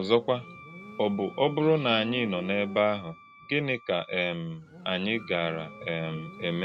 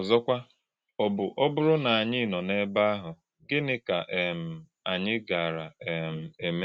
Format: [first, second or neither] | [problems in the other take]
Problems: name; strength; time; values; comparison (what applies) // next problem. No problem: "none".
second | background sound (Wind instrument, woodwind instrument + Motorcycle); 17 dB below the speech